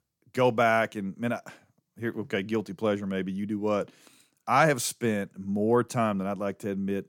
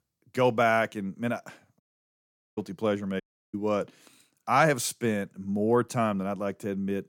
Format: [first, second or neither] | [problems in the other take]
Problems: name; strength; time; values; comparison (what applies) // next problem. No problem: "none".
first | audio cutting out; at 2 s for 1 s and at 3 s